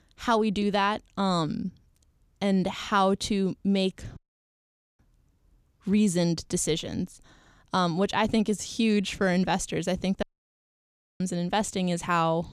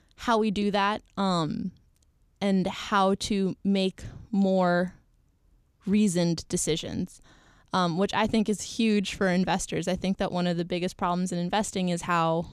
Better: second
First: audio cutting out; at 4 s for 1 s and at 10 s for 1 s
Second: none

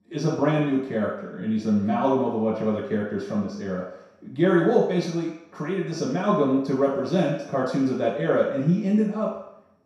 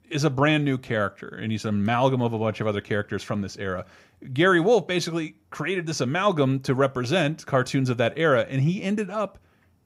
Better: second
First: room echo; noticeable; dies away in 0.7 s // off-mic speech; far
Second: none

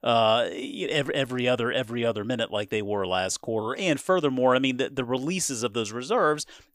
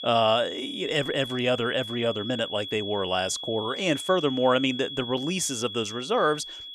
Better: first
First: none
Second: high-pitched whine; loud; throughout; 3.5 kHz, 8 dB below the speech

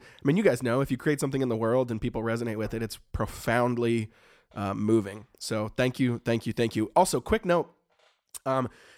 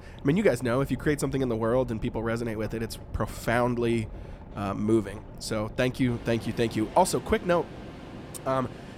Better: first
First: none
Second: train or aircraft noise; noticeable; throughout; 15 dB below the speech

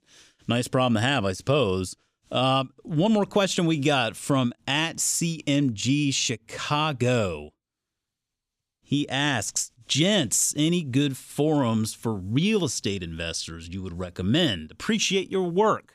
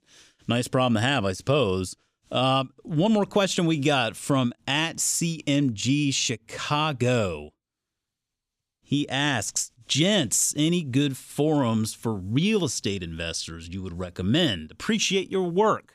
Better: neither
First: none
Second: none

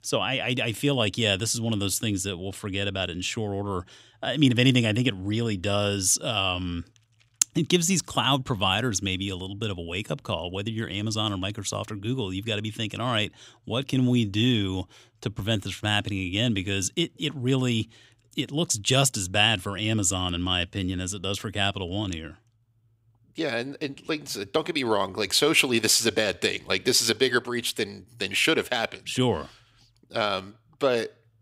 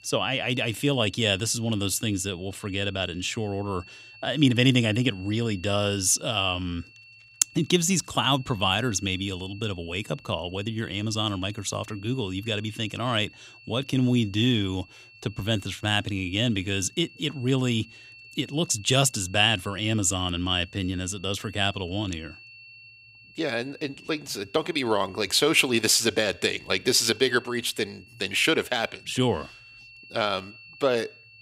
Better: first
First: none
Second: high-pitched whine; faint; throughout; 2.5 kHz, 20 dB below the speech

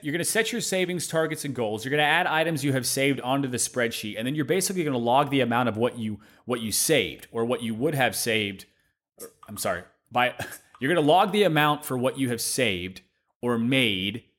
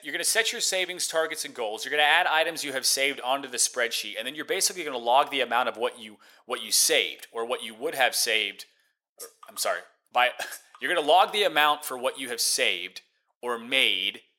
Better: first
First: none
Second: thin; very; fading below 650 Hz

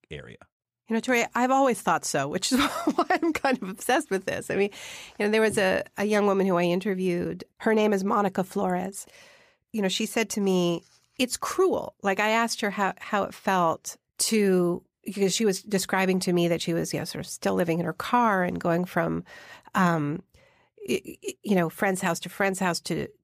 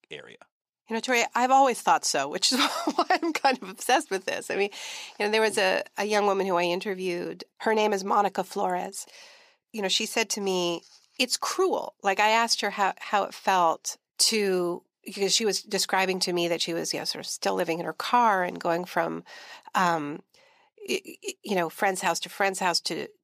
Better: first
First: none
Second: thin; somewhat; fading below 300 Hz

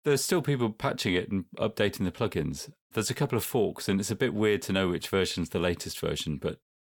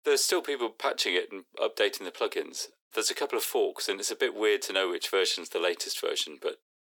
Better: first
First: none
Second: thin; very; fading below 350 Hz

